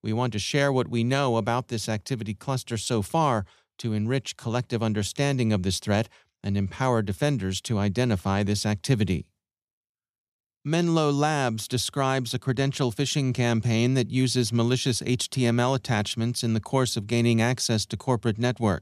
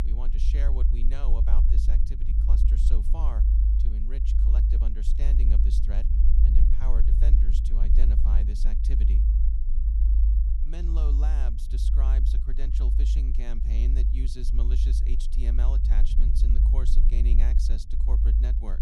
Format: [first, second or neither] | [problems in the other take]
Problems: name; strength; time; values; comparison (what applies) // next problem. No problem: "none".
first | low rumble; loud; throughout; 1 dB below the speech